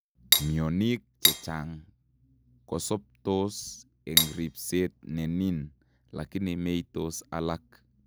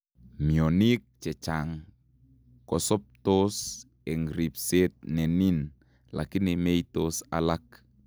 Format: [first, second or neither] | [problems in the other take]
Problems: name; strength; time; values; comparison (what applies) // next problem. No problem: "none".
second | background sound (Cutlery, silverware); 4 dB above the speech